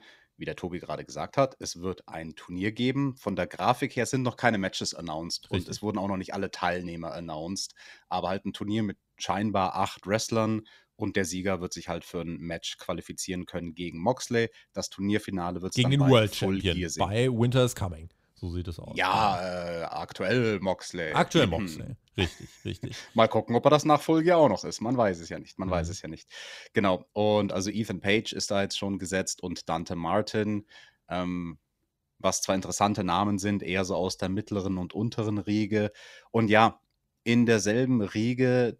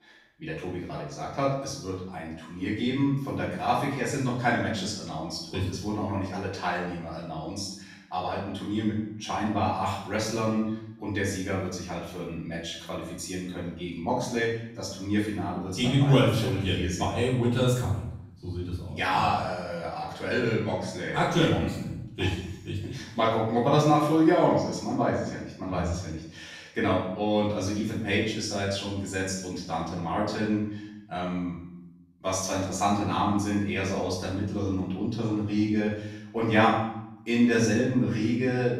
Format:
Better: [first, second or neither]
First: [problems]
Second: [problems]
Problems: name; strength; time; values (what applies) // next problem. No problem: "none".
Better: first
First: none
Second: room echo; noticeable; dies away in 0.7 s // off-mic speech; far